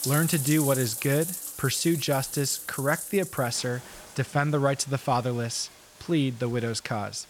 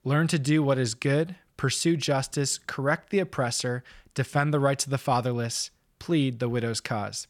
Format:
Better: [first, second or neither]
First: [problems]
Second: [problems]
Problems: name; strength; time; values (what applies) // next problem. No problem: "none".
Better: second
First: household noises; loud; throughout; 6 dB below the speech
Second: none